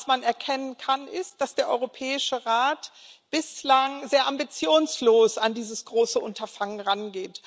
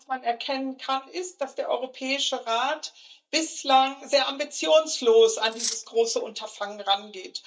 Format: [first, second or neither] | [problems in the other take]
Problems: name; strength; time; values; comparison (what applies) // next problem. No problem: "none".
first | noise reduction (neural mask model DeepFilterNet 3)